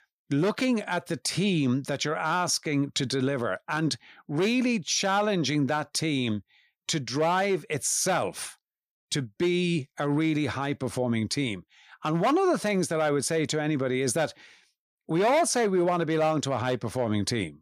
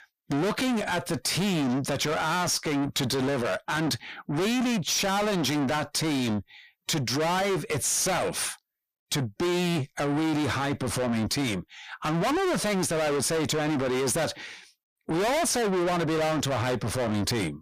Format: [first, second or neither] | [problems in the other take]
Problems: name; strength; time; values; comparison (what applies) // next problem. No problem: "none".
first | distortion; heavy; 6 dB below the speech